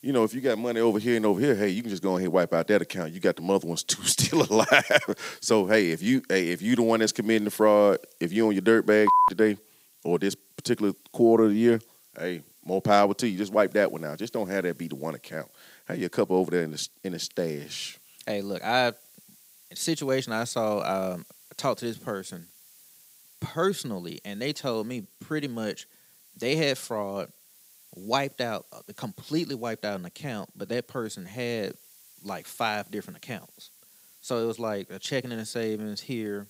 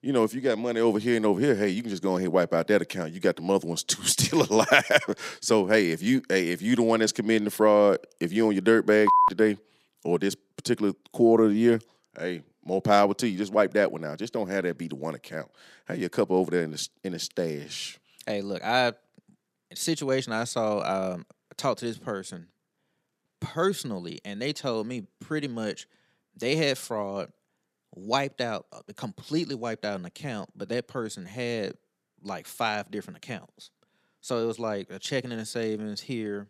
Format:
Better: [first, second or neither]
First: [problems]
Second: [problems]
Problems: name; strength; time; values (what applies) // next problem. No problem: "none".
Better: second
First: hiss; faint; throughout; 25 dB below the speech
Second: none